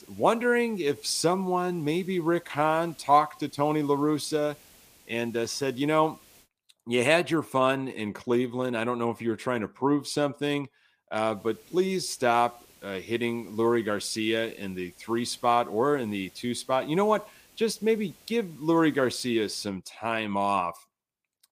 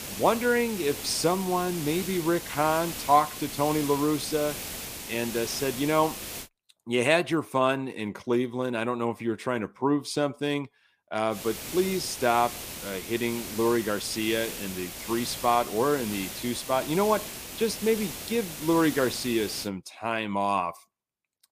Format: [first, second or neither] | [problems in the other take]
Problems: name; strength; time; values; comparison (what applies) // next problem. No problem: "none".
first | hiss; loud; until 6.5 s and from 11 to 20 s; 8 dB below the speech; faint in the first